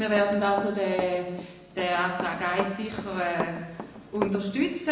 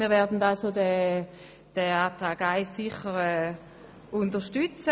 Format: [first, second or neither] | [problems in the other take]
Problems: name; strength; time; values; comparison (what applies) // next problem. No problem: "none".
second | background sound (Run); 10 dB below the speech // room echo; dies away in 0.9 s